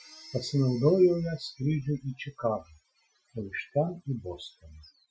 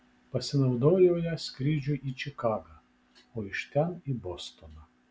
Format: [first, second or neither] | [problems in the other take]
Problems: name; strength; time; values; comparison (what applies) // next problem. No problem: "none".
second | noise reduction (classical method Wiener filter)